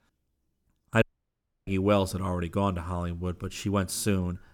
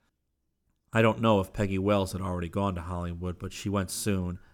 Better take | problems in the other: second | audio cutting out; at 1 s for 0.5 s

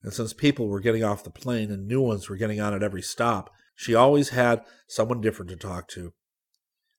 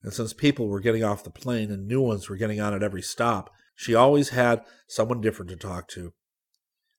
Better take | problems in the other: neither | none

